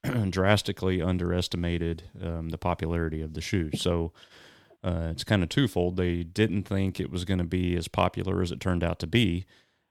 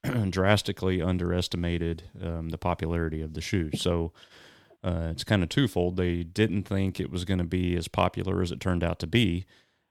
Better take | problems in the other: neither | none

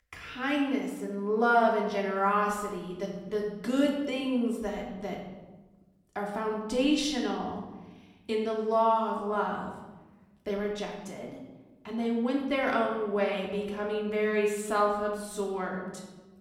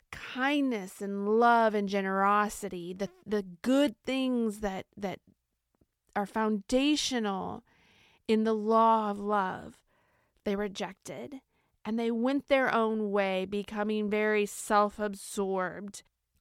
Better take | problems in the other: second | room echo; noticeable; dies away in 1 s // off-mic speech; far

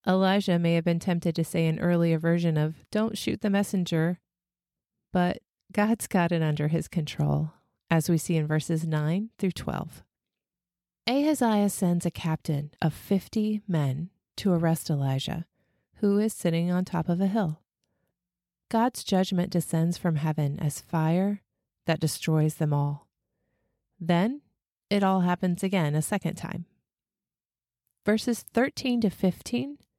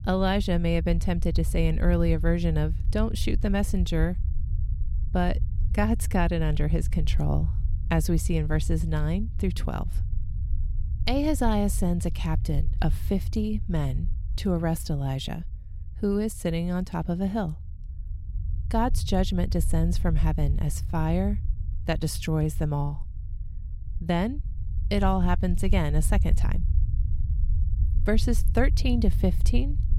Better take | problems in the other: first | low rumble; noticeable; throughout; 15 dB below the speech

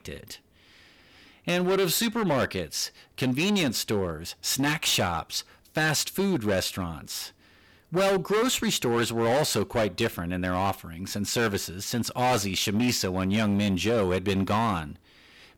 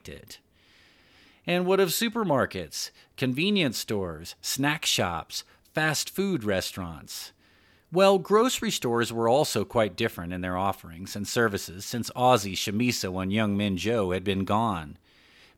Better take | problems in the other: second | distortion; heavy; 11% of the sound clipped

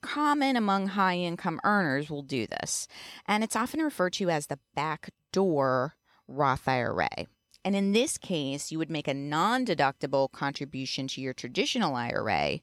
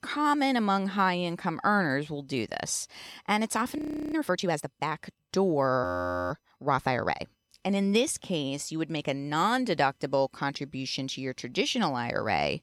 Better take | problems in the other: first | audio freezing; at 4 s and at 6 s

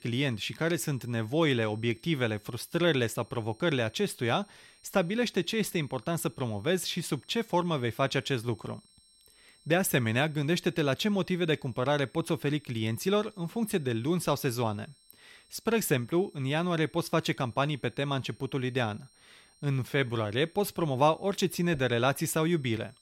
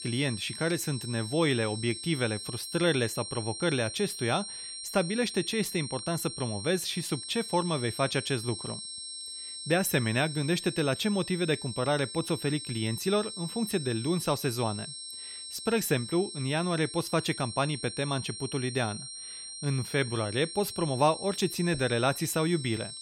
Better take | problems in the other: first | high-pitched whine; loud; throughout; 8.5 kHz, 8 dB below the speech; faint in the first

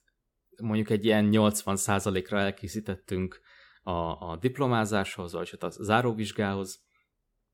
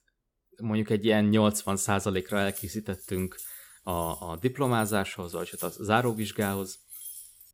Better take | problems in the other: first | jangling keys; faint; from 1.5 s on; peak 10 dB below the speech

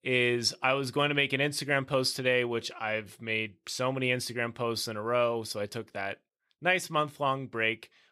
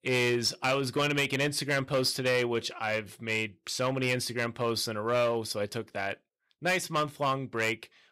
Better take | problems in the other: first | distortion; slight; 6% of the sound clipped

